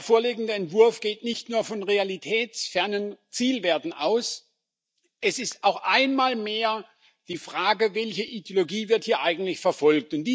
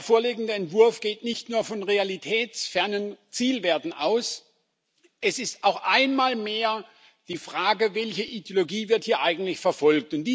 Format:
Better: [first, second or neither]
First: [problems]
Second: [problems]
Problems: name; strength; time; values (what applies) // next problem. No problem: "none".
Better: second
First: noise reduction (neural mask model DeepFilterNet 3)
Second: none